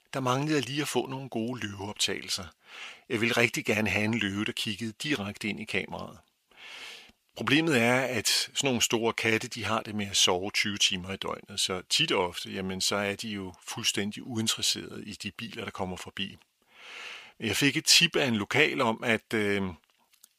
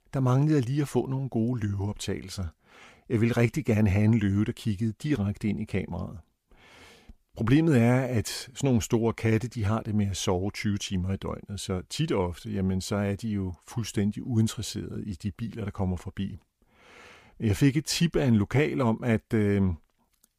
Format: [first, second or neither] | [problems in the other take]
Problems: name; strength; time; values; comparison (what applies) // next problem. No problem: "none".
second | thin; somewhat; fading below 850 Hz